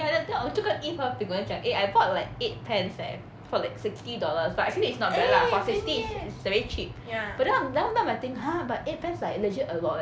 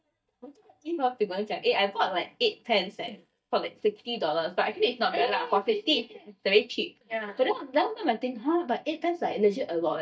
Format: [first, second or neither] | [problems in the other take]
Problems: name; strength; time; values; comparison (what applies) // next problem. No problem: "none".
first | noise reduction (neural mask model DeepFilterNet 3)